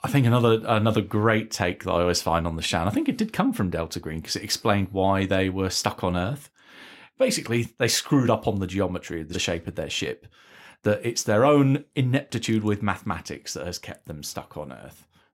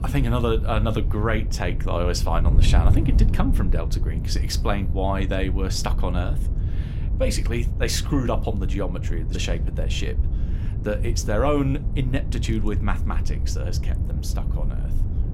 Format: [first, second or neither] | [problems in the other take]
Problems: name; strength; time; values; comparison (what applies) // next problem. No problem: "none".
first | wind noise on the microphone; occasional gusts; 10 dB below the speech